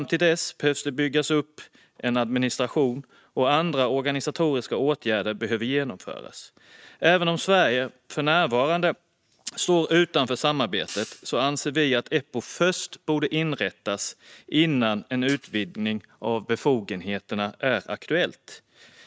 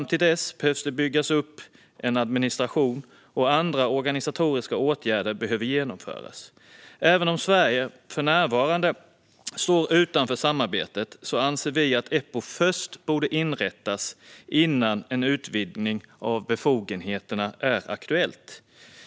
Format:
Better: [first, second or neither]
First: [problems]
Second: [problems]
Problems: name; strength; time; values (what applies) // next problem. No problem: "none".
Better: second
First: noise reduction (neural mask model RNNoise)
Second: none